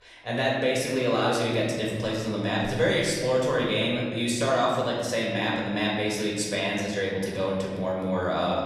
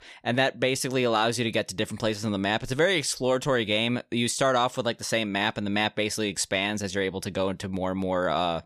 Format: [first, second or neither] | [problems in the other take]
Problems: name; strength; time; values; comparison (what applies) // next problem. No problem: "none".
second | room echo; noticeable; dies away in 1.7 s // off-mic speech; far